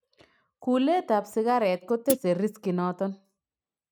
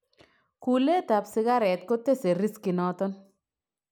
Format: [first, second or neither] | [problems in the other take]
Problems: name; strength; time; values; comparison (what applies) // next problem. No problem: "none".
second | noise reduction (neural mask model RNNoise)